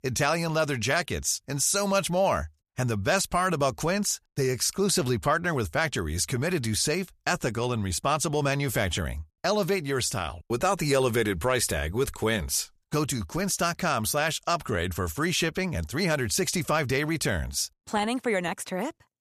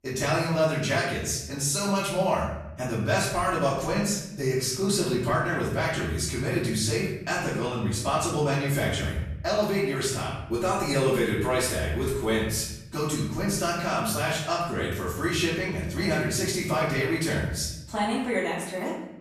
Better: first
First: none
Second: off-mic speech; far // room echo; noticeable; dies away in 0.8 s

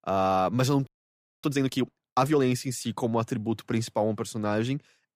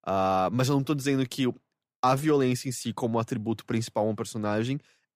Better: second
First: audio freezing; at 1 s for 0.5 s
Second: none

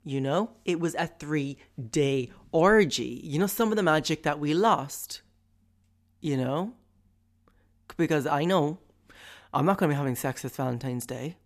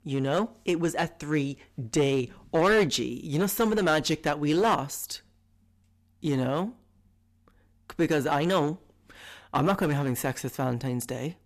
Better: first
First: none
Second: distortion; slight; 5% of the sound clipped

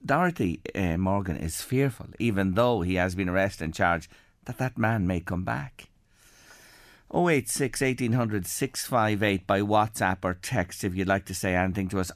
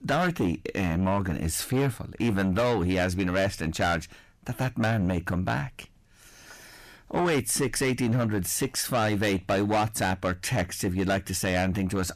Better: first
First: none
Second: distortion; heavy; 7 dB below the speech

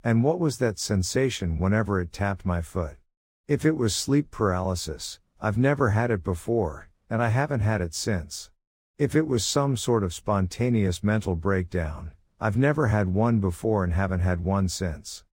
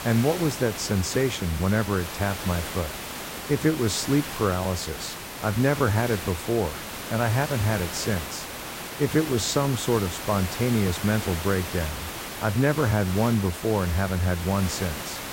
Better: first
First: none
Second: hiss; loud; throughout; 8 dB below the speech

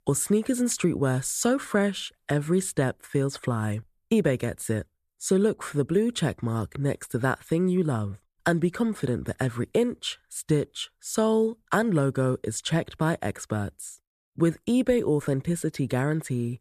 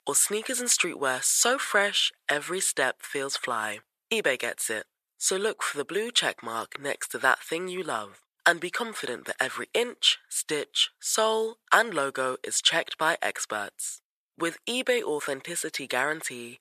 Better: first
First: none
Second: thin; very; fading below 700 Hz

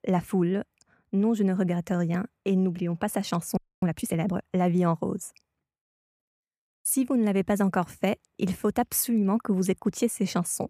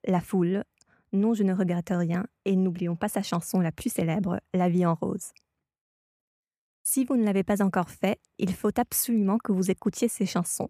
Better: second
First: audio freezing; at 3.5 s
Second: none

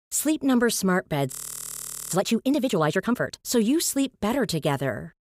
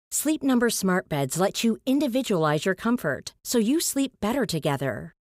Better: second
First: audio freezing; at 1.5 s for 1 s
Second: none

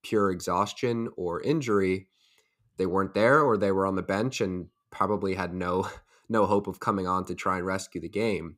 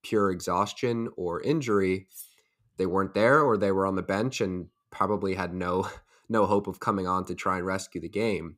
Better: first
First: none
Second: clattering dishes; faint; at 2 s; peak 20 dB below the speech

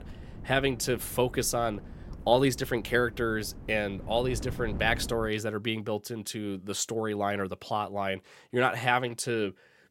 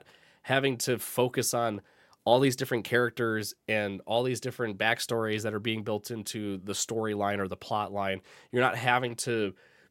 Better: second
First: wind noise on the microphone; occasional gusts; until 5.5 s; 20 dB below the speech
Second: none

